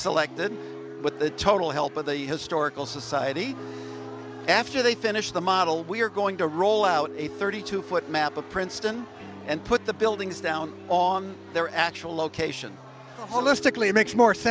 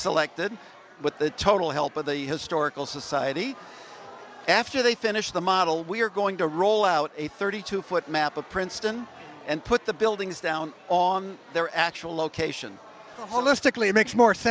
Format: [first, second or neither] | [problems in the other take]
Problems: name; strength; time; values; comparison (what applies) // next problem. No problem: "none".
second | background sound (Piano); 15 dB below the speech